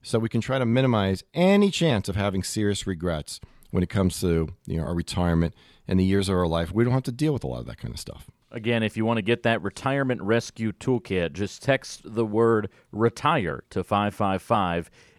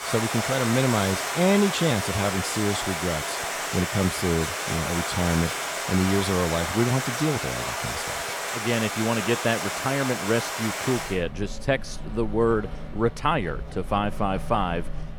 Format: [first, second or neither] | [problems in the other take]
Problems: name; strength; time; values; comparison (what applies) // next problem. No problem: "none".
first | rain or running water; loud; throughout; 3 dB below the speech